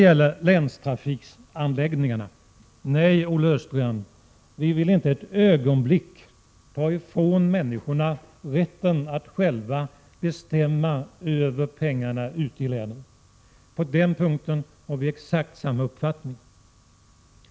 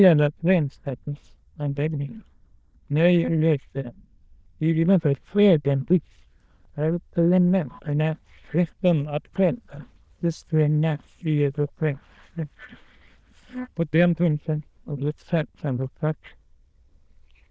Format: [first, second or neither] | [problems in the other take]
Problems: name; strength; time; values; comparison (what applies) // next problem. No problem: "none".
first | noise reduction (neural diffusion model UNIVERSE++)